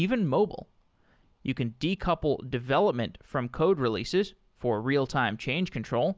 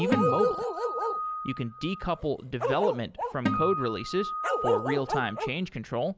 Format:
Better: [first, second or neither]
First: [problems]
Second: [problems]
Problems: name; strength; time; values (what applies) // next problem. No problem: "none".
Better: first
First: none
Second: background sound (Bark + Acoustic guitar); as loud as the speech